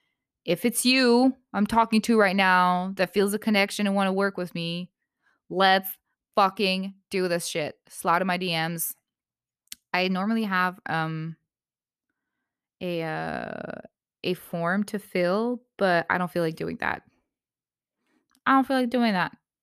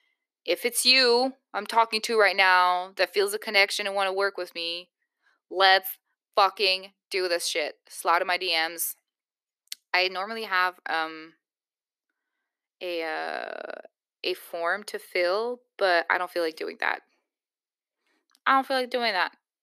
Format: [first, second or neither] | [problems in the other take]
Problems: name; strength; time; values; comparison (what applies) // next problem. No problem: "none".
first | thin; very; fading below 350 Hz